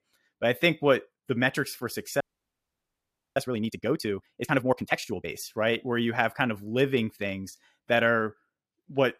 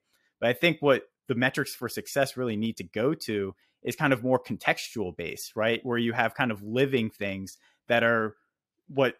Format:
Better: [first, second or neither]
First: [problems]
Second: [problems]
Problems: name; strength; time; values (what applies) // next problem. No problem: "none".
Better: second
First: audio freezing; at 2 s for 1 s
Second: none